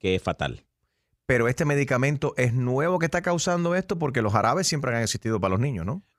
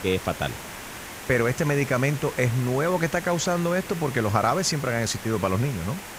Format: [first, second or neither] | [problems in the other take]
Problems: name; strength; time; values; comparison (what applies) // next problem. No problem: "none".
first | hiss; noticeable; throughout; 10 dB below the speech